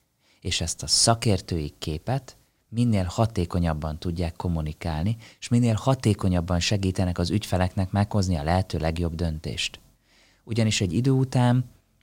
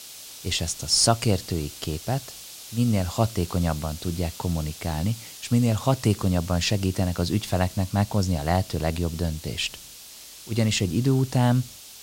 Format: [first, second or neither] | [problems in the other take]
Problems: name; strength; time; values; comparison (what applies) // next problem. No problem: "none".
first | hiss; noticeable; throughout; 15 dB below the speech